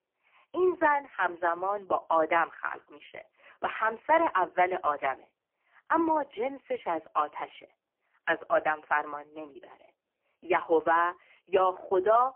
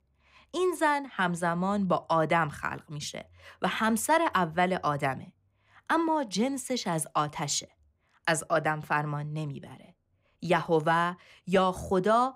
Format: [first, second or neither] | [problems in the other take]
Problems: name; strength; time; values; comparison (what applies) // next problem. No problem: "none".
second | phone-call audio; poor line; nothing above 3 kHz